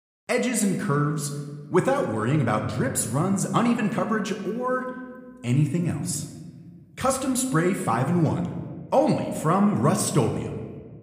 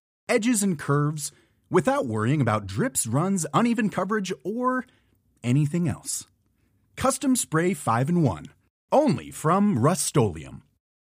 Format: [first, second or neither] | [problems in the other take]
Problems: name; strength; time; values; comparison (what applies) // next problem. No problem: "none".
second | room echo; slight; dies away in 1.1 s